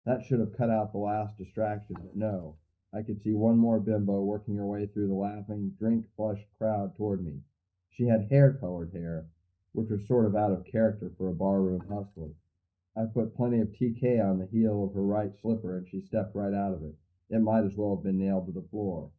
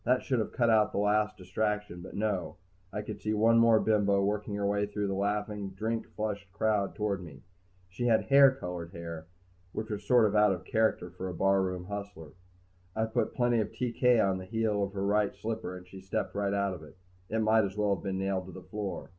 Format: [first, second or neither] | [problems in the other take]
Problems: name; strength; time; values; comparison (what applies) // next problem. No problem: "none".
second | noise reduction (neural mask model DeepFilterNet 3)